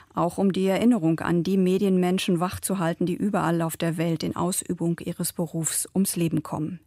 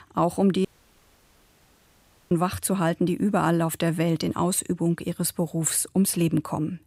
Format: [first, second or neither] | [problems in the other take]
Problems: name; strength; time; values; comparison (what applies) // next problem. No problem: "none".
first | audio cutting out; at 0.5 s for 1.5 s